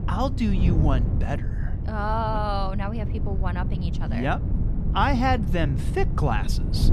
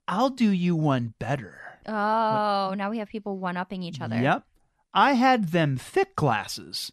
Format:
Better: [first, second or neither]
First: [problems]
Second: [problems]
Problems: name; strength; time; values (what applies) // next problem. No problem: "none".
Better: second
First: wind noise on the microphone; occasional gusts; 10 dB below the speech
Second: none